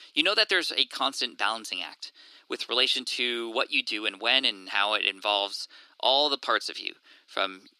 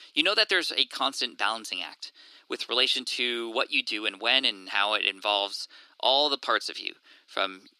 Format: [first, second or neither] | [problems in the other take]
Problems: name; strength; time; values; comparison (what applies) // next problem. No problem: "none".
neither | thin; very; fading below 300 Hz; the same in both